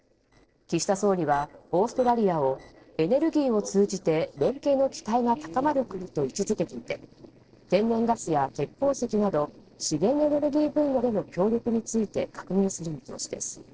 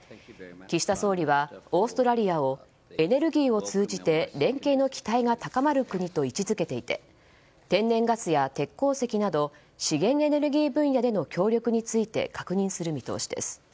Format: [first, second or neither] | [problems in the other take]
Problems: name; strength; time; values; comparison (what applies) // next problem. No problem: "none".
second | noise reduction (neural separator model SepFormer DNS4)